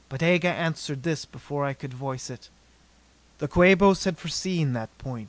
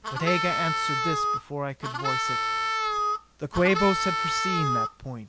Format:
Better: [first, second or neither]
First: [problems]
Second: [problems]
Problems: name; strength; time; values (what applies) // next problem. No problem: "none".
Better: first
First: none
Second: background sound (Harmonica); 2 dB above the speech